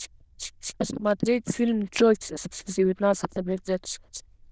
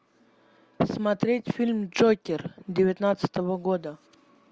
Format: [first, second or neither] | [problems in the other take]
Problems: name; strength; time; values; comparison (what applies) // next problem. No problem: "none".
second | noise reduction (neural diffusion model UNIVERSE++)